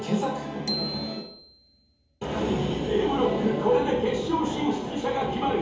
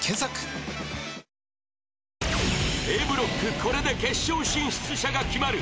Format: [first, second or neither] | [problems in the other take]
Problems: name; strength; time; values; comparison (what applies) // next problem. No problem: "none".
second | background sound (Bicycle bell); 13 dB below the speech // room echo; dies away in 0.7 s